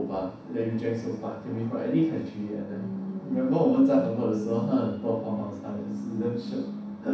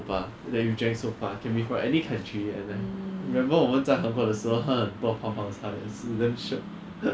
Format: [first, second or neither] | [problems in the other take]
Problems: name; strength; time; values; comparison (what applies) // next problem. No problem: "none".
second | room echo; dies away in 0.7 s